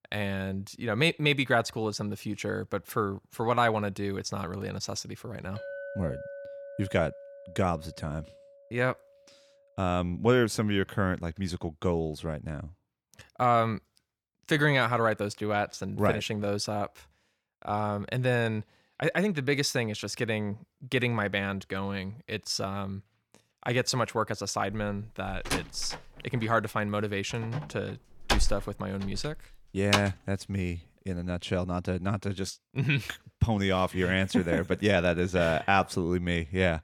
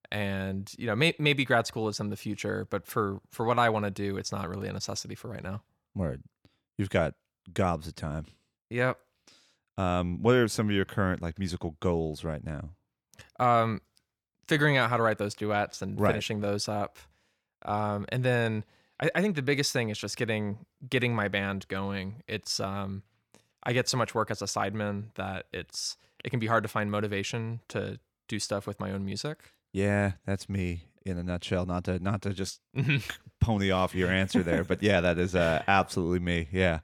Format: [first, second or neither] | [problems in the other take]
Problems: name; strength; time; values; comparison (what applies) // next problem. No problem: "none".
second | clattering dishes; noticeable; from 5.5 to 9 s; peak 9 dB below the speech // door banging; loud; from 25 to 30 s; peak 1 dB above the speech